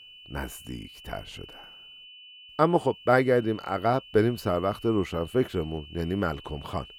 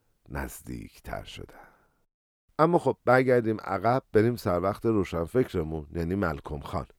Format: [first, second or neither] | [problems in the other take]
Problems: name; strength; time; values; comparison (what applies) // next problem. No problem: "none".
second | high-pitched whine; noticeable; throughout; 3 kHz, 20 dB below the speech